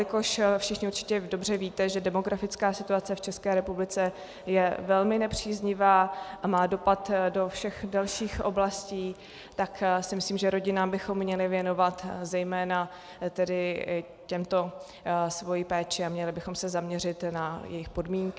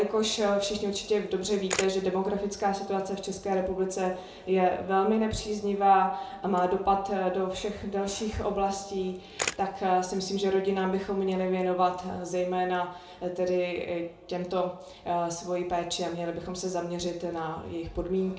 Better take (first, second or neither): first